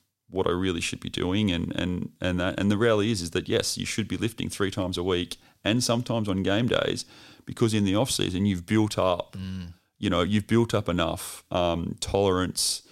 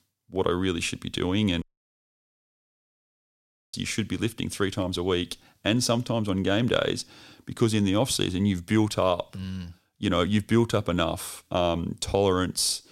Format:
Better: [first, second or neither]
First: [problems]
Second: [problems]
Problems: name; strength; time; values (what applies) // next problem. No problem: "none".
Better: first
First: none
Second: audio cutting out; at 1.5 s for 2 s